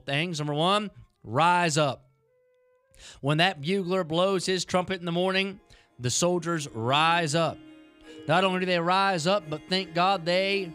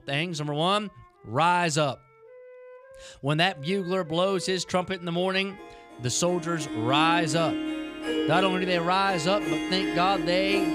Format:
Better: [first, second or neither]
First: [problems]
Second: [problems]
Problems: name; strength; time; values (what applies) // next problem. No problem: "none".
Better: first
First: background music; faint; throughout; 25 dB below the speech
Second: background music; loud; throughout; 5 dB below the speech